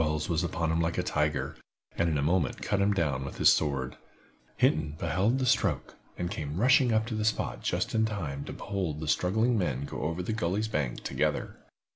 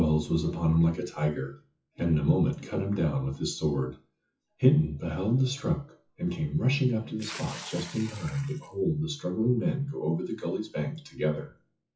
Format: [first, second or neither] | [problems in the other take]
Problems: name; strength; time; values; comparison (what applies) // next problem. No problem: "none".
first | noise reduction (classical method WPE with log-MMSE)